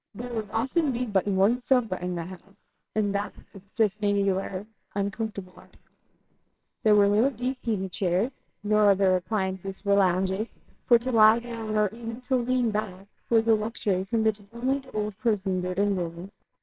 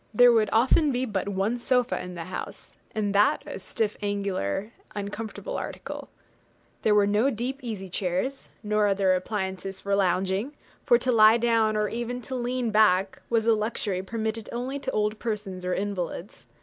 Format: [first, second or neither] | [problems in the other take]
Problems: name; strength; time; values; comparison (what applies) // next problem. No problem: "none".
second | noise reduction (neural separator model SepFormer WHAMR!)